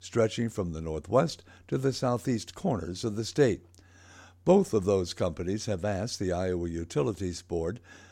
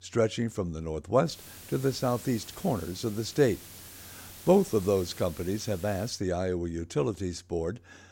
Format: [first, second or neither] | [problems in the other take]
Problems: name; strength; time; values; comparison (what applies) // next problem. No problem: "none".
first | hiss; noticeable; from 1.5 to 6 s; 15 dB below the speech